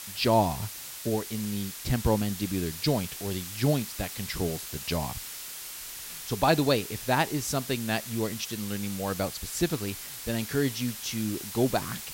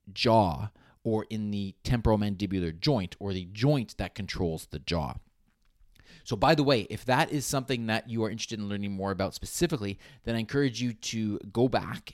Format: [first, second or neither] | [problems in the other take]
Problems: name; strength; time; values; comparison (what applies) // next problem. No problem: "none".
second | hiss; loud; throughout; 8 dB below the speech